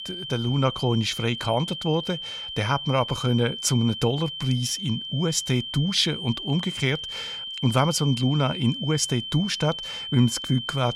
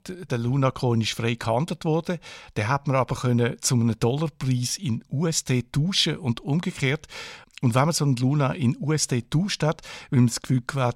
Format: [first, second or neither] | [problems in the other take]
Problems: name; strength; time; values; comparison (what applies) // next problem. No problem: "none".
second | high-pitched whine; loud; throughout; 3 kHz, 7 dB below the speech